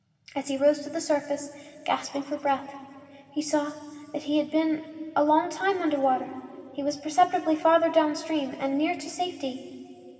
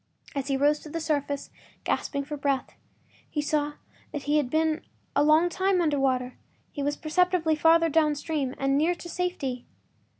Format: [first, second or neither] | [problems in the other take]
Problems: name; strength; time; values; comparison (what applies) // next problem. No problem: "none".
second | room echo; dies away in 2.4 s